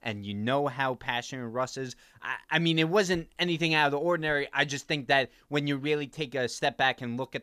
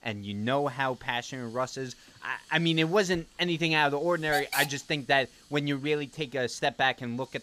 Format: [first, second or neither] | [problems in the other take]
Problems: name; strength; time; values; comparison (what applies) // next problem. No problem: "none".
first | hiss; loud; throughout; 8 dB below the speech